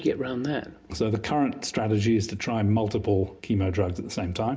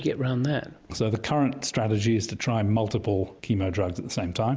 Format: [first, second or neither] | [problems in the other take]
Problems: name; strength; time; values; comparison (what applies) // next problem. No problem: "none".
second | room echo; dies away in 0.3 s